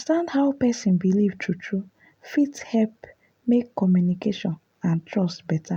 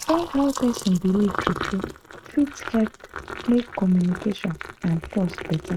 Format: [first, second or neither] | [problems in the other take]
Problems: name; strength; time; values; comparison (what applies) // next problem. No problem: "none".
first | noise reduction (neural mask model RNNoise)